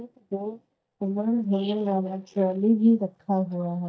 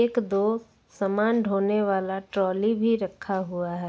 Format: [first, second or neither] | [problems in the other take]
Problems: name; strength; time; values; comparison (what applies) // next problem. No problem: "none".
second | noise reduction (neural mask model DeepFilterNet 3)